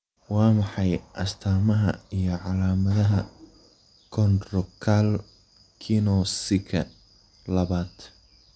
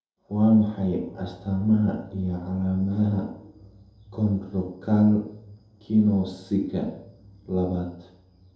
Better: first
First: none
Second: room echo; dies away in 2.6 s

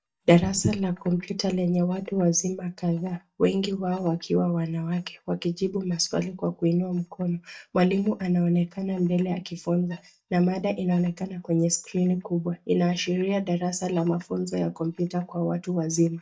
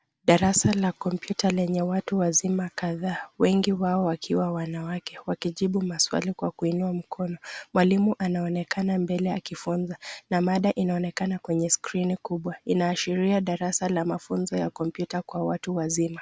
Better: second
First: noise reduction (neural mask model DeepFilterNet 3)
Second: none

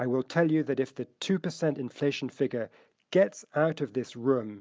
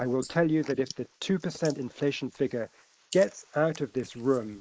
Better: first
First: none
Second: noise reduction (neural mask model Resemble Enhance denoiser)

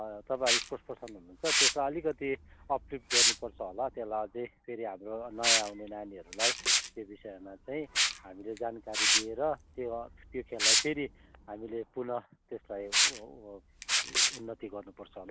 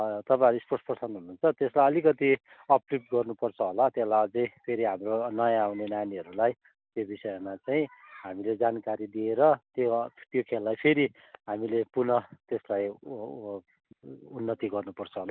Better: second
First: background sound (Liquid); 5 dB above the speech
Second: none

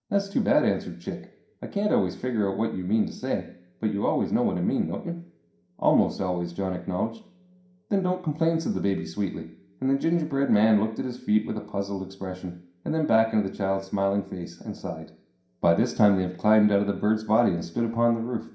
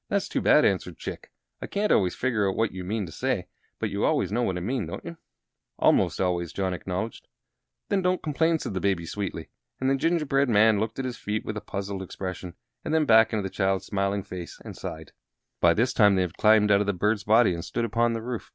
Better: second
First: room echo; dies away in 0.5 s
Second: none

